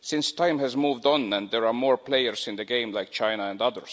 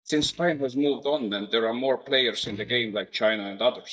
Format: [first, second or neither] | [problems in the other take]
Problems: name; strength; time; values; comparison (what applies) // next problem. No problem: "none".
first | noise reduction (neural mask model DeepFilterNet 3)